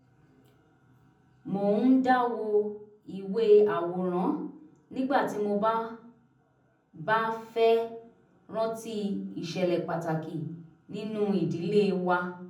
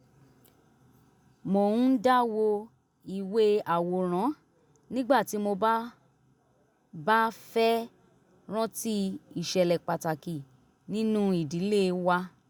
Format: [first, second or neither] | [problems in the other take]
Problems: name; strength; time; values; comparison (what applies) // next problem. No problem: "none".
second | room echo; dies away in 0.6 s